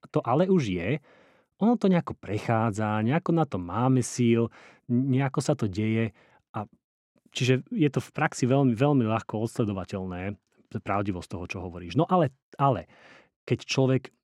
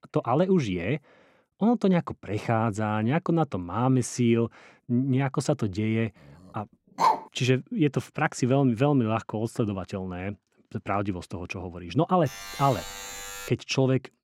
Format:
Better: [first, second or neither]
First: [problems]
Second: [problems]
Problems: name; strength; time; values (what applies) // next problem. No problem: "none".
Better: first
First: none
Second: dog barking; loud; at 7 s; peak 2 dB above the speech // alarm; noticeable; from 12 to 14 s; peak 10 dB below the speech